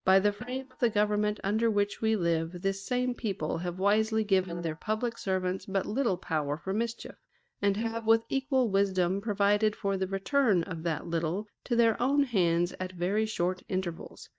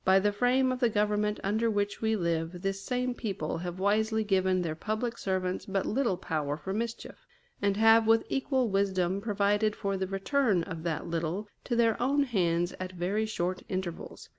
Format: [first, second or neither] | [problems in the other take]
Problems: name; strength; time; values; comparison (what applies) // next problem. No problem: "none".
second | noise reduction (neural mask model DeepFilterNet 3)